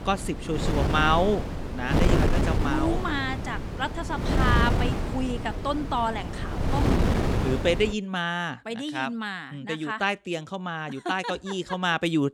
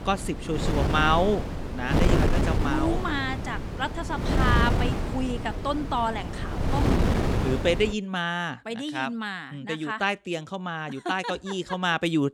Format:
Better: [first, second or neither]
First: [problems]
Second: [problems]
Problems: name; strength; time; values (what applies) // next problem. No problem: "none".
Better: neither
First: wind noise on the microphone; heavy; until 8 s; 5 dB below the speech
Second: wind noise on the microphone; heavy; until 8 s; 5 dB below the speech